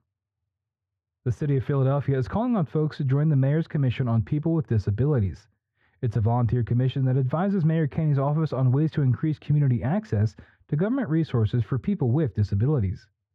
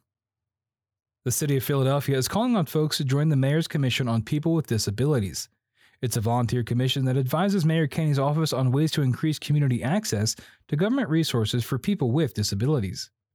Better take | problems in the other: second | muffled; very; fading above 1.5 kHz

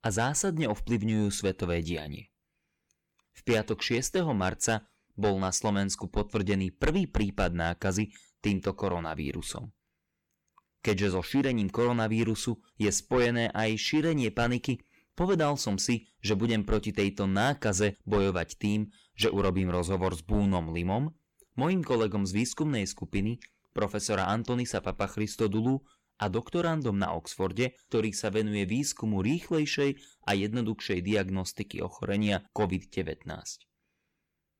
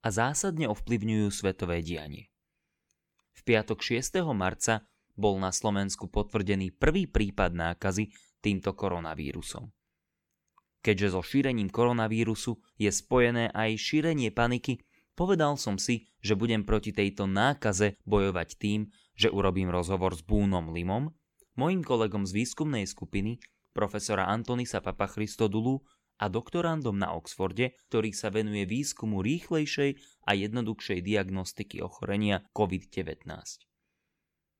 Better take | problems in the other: second | distortion; slight; 10 dB below the speech

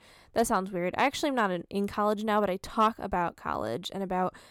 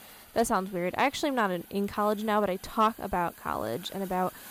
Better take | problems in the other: first | hiss; faint; throughout; 20 dB below the speech

